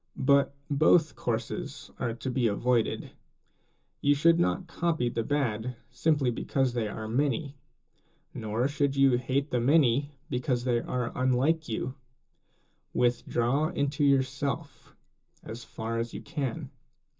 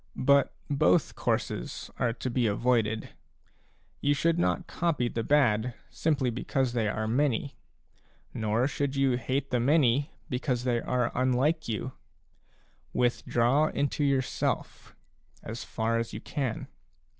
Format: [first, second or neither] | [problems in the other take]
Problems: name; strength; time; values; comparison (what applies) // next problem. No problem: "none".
second | room echo; dies away in 0.2 s